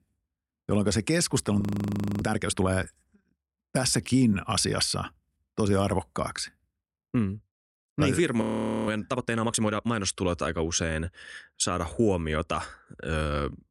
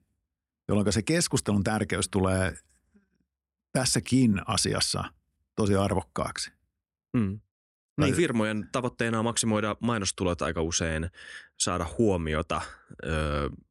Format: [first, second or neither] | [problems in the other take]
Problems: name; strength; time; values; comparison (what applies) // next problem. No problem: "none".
second | audio freezing; at 1.5 s for 0.5 s and at 8.5 s